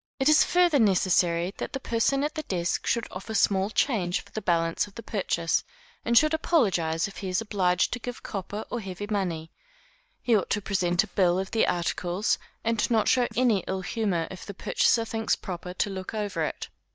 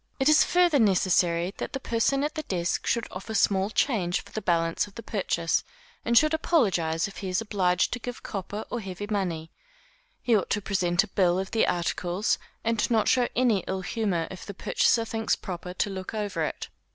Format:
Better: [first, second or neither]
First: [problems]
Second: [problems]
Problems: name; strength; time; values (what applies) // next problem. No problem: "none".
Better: second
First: noise reduction (neural mask model DeepFilterNet 3)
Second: none